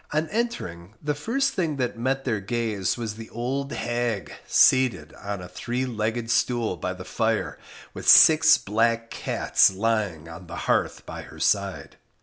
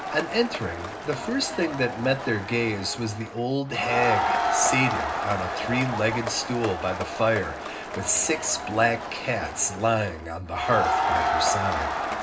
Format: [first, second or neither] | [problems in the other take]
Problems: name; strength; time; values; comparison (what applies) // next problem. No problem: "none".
first | background sound (Crowd); 2 dB below the speech // room echo; dies away in 0.2 s